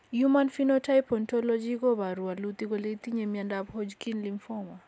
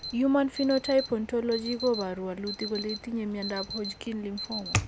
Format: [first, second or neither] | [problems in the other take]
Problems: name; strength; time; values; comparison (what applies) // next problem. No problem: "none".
first | background sound (Alarm); 8 dB below the speech